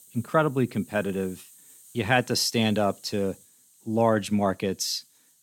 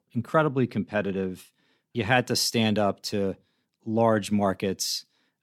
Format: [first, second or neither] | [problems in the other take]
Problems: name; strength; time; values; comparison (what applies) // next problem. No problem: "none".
second | hiss; faint; throughout; 25 dB below the speech